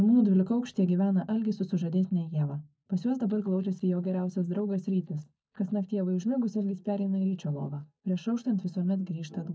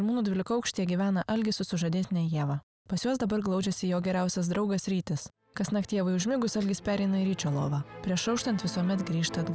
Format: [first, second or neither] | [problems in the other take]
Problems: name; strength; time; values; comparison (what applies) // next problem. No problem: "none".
second | noise reduction (neural mask model DeepFilterNet 3)